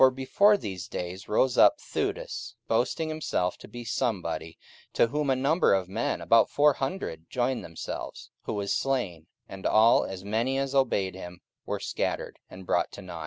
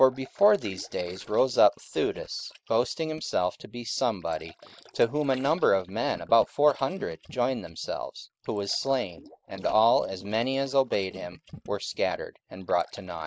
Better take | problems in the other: first | noise reduction (neural mask model Resemble Enhance denoiser)

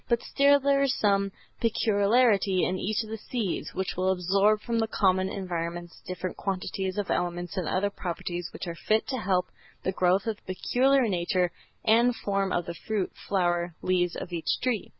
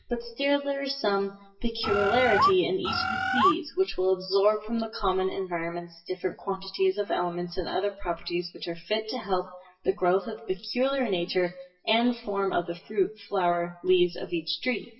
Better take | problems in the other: first | noise reduction (classical method WPE with log-MMSE)

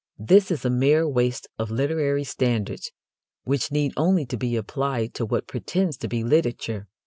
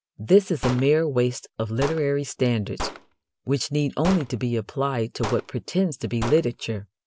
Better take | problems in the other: first | background sound (Gunshot, gunfire); 13 dB below the speech

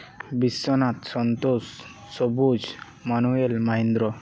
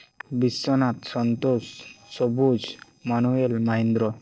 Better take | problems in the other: first | noise reduction (neural separator model SepFormer DNS4)

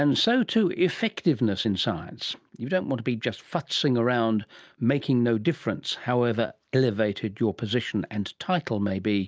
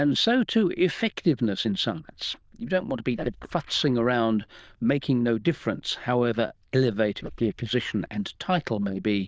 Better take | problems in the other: first | noise reduction (neural diffusion model UNIVERSE++)

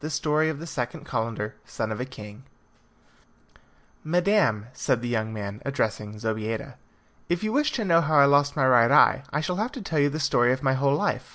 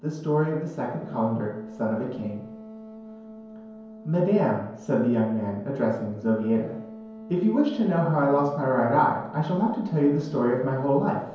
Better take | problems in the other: first | background sound (Wind instrument, woodwind instrument); 18 dB below the speech // room echo; dies away in 0.9 s

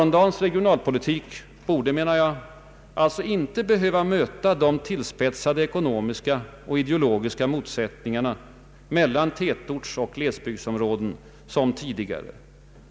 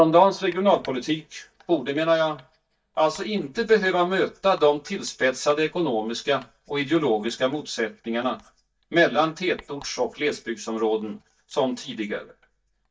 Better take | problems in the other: first | noise reduction (neural mask model DeepFilterNet 3)

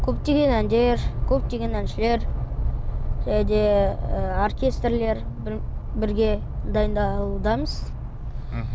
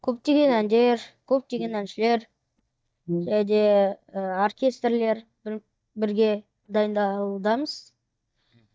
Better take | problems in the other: first | noise reduction (neural mask model DeepFilterNet 3)

